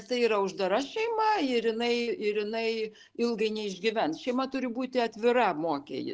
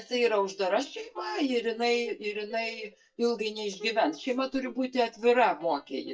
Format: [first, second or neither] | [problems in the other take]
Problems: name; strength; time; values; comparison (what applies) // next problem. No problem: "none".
first | noise reduction (neural mask model DeepFilterNet 3)